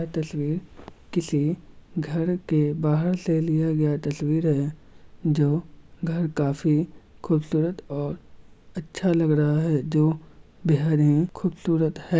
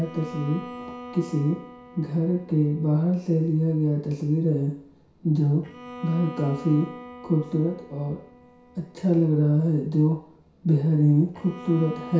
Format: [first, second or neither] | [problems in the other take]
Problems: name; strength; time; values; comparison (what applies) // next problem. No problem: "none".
first | background sound (Bowed string instrument); 18 dB below the speech // room echo; dies away in 0.6 s